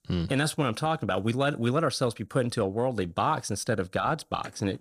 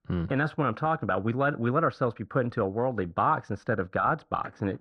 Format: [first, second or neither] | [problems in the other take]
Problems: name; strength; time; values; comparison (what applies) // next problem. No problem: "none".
first | muffled; very; fading above 1.5 kHz